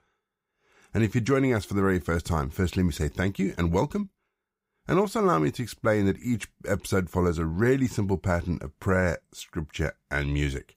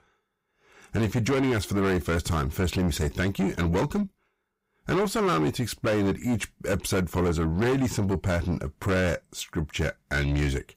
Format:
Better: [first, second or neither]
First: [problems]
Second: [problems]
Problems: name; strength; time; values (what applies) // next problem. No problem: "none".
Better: first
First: none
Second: distortion; heavy; 7 dB below the speech